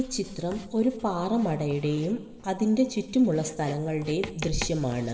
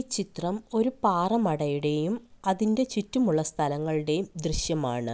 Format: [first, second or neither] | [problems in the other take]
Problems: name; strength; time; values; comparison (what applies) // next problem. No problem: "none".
second | background sound (Writing); 17 dB below the speech // room echo; dies away in 2.4 s